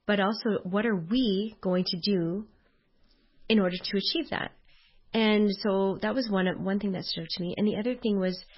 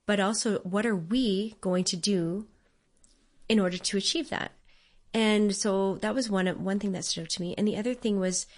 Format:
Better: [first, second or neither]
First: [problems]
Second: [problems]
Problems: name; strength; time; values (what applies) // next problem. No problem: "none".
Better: second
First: garbled, watery; badly; nothing above 5.5 kHz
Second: garbled, watery; slightly; nothing above 10.5 kHz